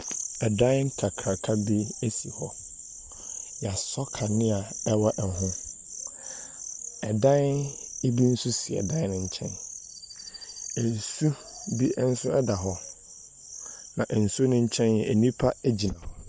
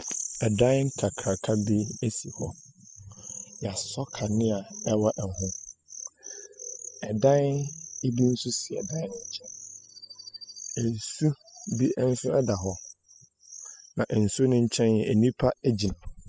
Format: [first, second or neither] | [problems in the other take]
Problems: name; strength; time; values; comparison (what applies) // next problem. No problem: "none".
first | noise reduction (classical method spectral subtraction)